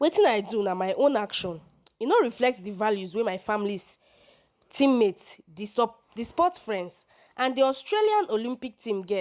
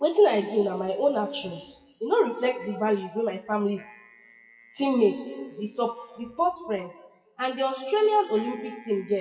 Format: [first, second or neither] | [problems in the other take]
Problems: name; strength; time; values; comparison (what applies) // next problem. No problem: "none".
first | noise reduction (classical method WPE with log-MMSE)